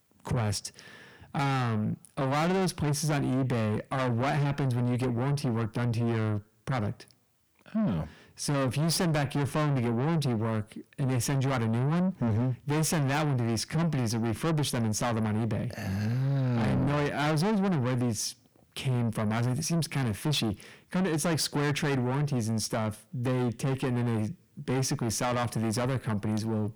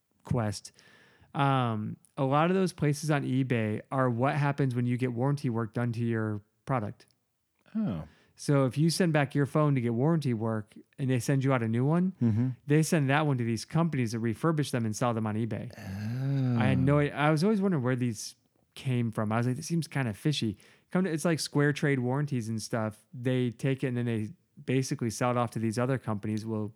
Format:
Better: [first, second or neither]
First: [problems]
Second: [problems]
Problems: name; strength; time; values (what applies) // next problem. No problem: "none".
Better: second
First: distortion; heavy; 5 dB below the speech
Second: none